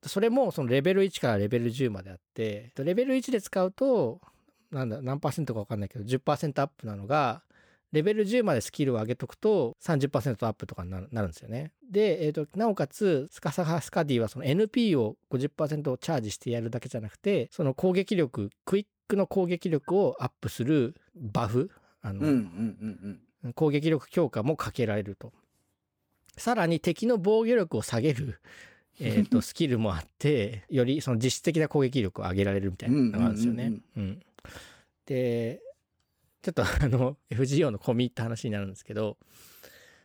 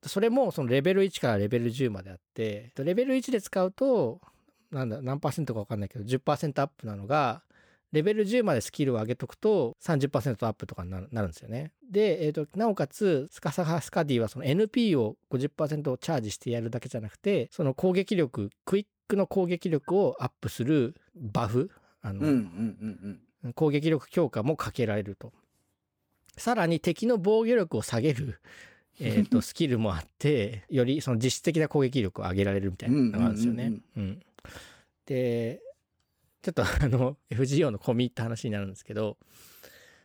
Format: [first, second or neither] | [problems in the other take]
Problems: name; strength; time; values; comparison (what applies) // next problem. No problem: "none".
neither | none